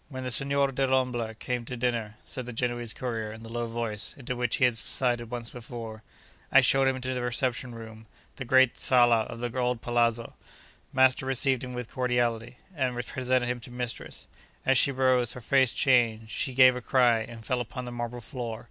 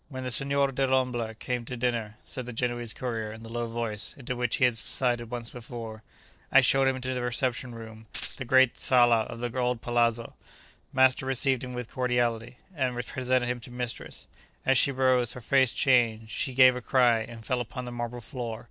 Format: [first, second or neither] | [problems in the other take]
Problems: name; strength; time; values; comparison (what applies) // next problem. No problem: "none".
first | noise reduction (neural separator model SepFormer DNS4)